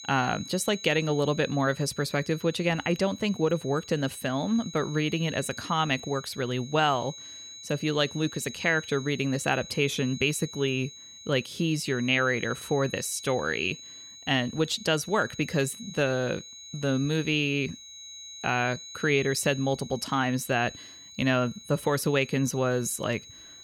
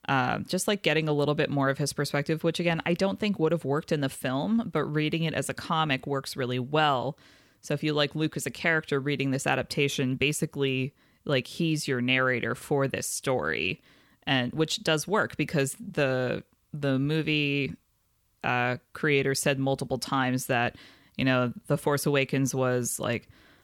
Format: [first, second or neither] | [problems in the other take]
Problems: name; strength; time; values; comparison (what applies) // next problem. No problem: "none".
second | high-pitched whine; noticeable; throughout; 4 kHz, 15 dB below the speech